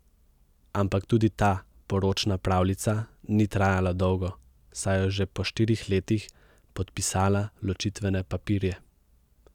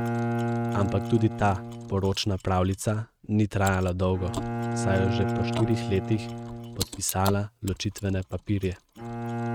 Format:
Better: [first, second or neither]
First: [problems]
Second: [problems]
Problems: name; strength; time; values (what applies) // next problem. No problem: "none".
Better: first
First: none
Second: noise reduction (neural mask model RNNoise)